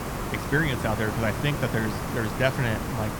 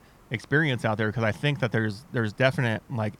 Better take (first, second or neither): second